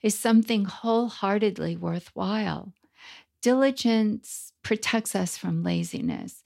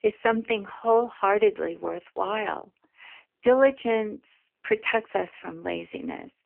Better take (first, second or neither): first